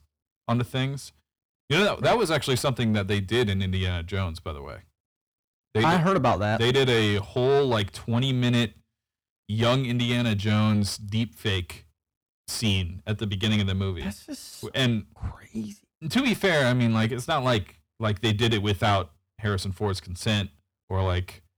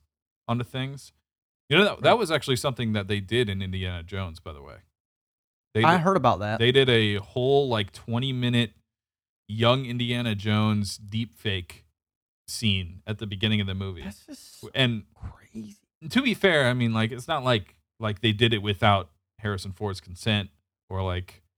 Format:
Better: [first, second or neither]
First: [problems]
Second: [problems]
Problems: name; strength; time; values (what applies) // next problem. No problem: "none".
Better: second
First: distortion; heavy; 8 dB below the speech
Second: none